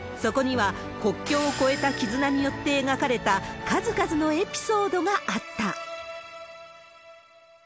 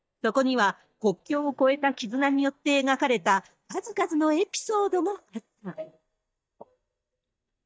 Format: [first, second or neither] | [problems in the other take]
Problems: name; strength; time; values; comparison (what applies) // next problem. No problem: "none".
first | noise reduction (neural mask model DeepFilterNet 3)